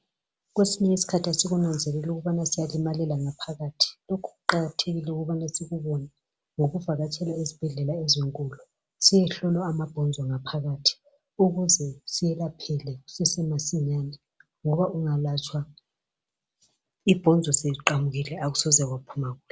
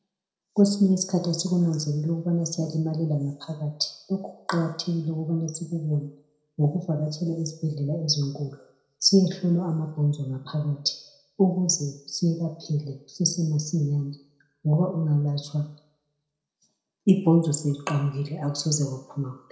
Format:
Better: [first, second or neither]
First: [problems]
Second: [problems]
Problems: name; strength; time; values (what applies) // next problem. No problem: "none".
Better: first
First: none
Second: room echo; dies away in 0.6 s